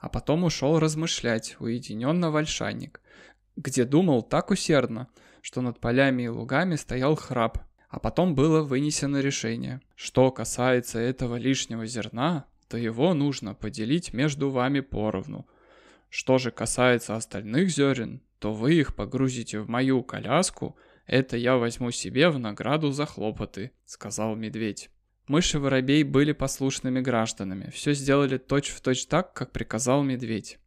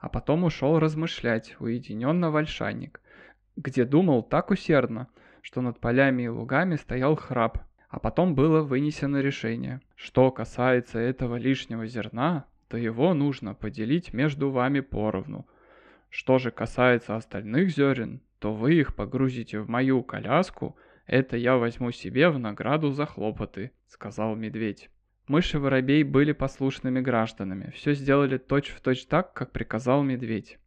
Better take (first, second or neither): first